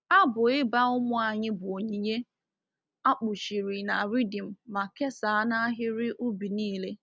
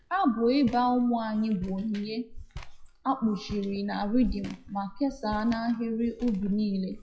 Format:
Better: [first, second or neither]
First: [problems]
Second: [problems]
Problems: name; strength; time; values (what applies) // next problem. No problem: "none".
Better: first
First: none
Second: noise reduction (classical method WPE with log-MMSE)